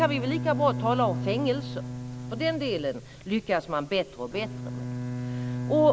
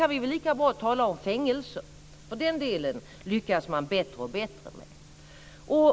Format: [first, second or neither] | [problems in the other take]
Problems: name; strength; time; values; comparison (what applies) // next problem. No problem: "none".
second | background sound (Bowed string instrument); 6 dB below the speech